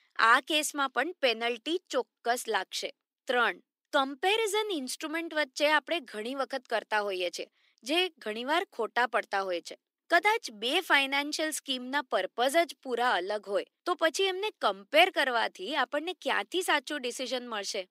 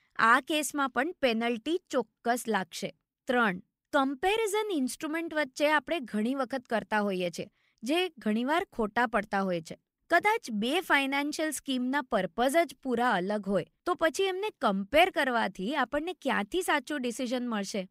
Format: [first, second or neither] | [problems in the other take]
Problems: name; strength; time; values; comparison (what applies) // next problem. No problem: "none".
second | thin; somewhat; fading below 300 Hz